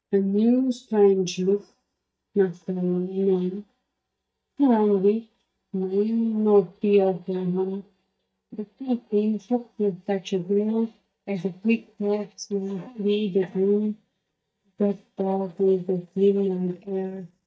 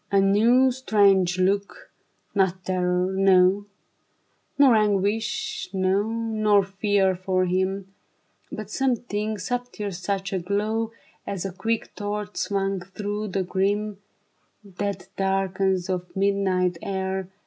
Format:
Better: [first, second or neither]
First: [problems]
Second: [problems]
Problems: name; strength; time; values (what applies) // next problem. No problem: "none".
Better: second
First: noise reduction (neural mask model DeepFilterNet 3)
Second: none